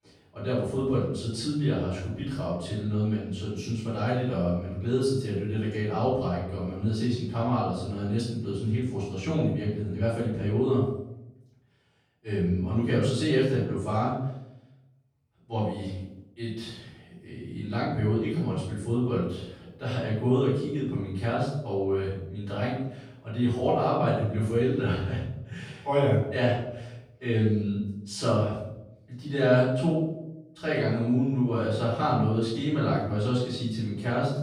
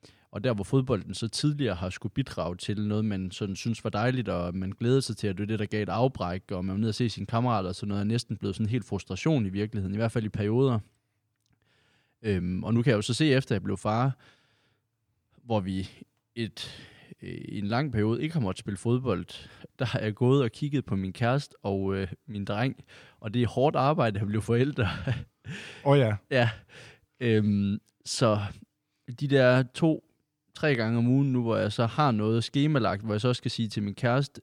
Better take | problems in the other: second | off-mic speech; far // room echo; noticeable; dies away in 0.7 s

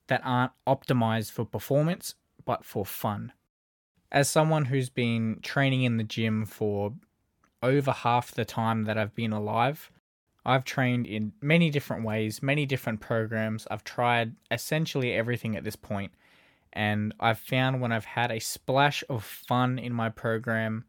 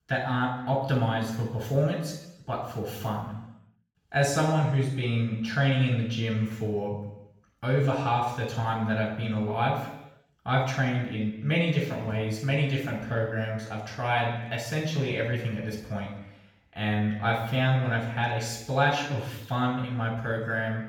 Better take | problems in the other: first | room echo; noticeable; dies away in 0.9 s // off-mic speech; far

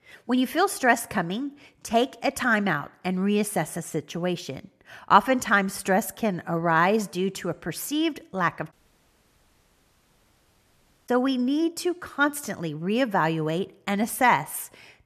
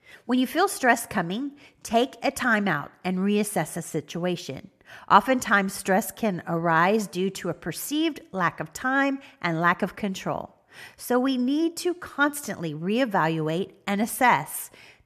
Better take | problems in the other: second | audio cutting out; at 8.5 s for 2.5 s

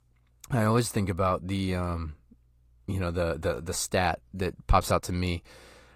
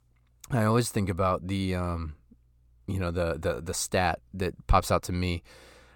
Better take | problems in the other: second | garbled, watery; slightly; nothing above 15 kHz

